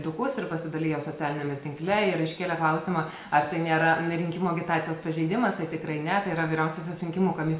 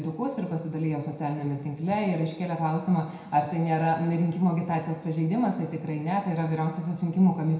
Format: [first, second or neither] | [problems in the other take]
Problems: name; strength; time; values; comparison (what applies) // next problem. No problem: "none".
first | room echo; dies away in 0.8 s